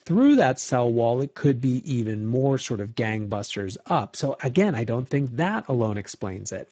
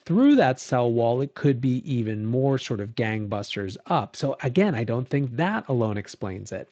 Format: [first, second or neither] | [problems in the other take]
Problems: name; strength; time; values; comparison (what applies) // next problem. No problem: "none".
second | garbled, watery; badly; nothing above 7.5 kHz; slightly in the second